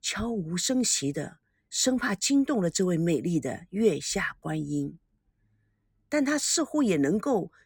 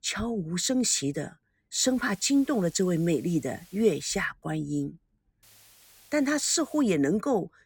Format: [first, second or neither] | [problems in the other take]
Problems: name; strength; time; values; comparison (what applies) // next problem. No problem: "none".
first | hiss; faint; from 1.5 to 4.5 s and from 5.5 to 7 s; 25 dB below the speech